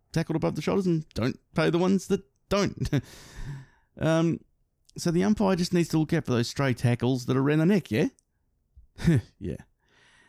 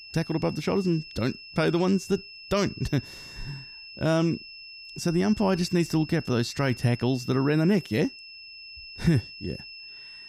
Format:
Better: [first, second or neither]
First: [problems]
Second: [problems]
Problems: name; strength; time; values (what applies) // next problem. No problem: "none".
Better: first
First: none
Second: high-pitched whine; noticeable; throughout; 5 kHz, 15 dB below the speech